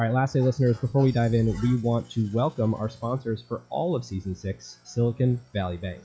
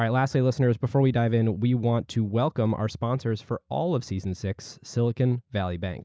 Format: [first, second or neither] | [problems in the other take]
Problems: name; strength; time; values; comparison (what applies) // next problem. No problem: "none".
second | noise reduction (classical method log-MMSE)